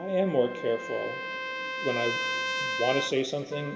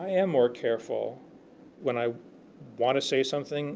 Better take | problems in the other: second | background sound (Trumpet); 4 dB below the speech // room echo; dies away in 2.3 s

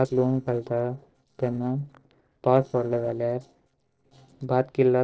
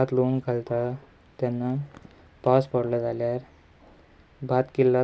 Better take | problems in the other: second | noise reduction (neural separator model SepFormer DNS4)

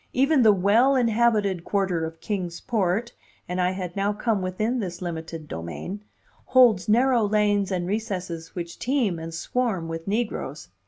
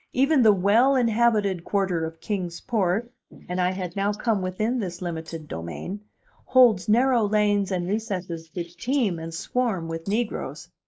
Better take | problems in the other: first | noise reduction (neural mask model Resemble Enhance denoiser)

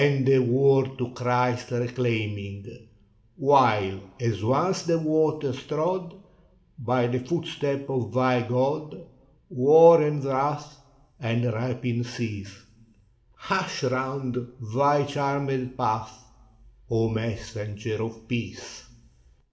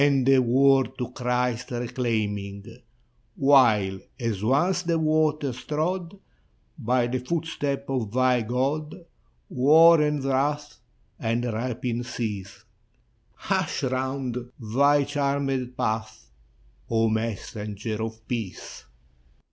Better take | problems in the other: second | room echo; dies away in 0.9 s

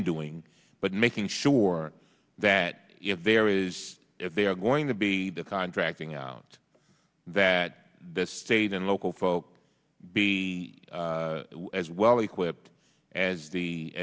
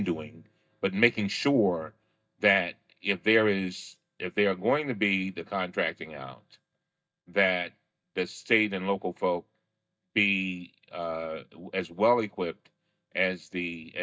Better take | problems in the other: first | noise reduction (neural mask model DeepFilterNet 3)

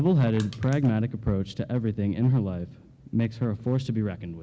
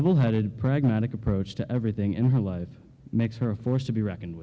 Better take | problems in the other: second | background sound (Crushing); 20 dB below the speech

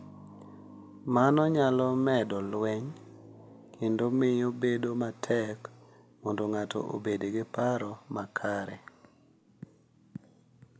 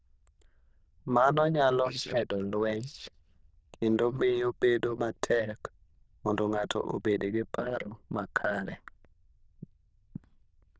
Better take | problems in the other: first | noise reduction (neural diffusion model UNIVERSE++)

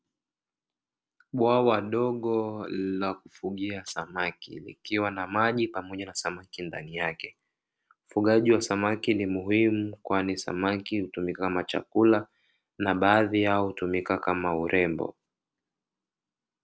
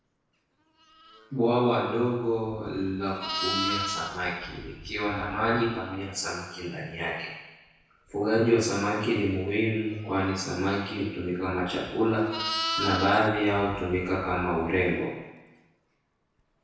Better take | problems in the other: first | background sound (Livestock, farm animals, working animals); 11 dB below the speech // room echo; dies away in 1 s

